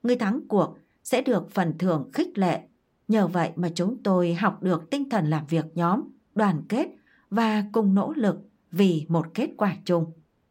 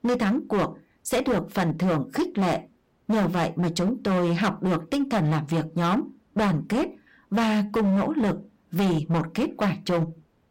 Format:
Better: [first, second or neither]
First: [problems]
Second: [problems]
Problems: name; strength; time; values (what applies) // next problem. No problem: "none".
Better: first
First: none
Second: distortion; heavy; 18% of the sound clipped